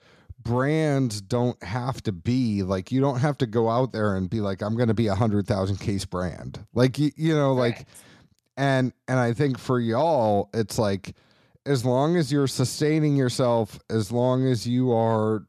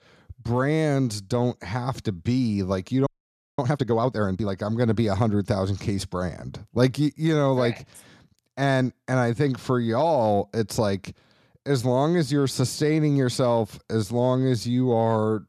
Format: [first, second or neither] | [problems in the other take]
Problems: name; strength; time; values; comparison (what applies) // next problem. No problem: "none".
first | audio freezing; at 3 s for 0.5 s